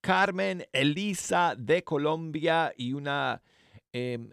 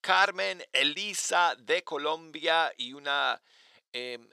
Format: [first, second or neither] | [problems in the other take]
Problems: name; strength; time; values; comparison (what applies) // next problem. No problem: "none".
first | thin; very; fading below 550 Hz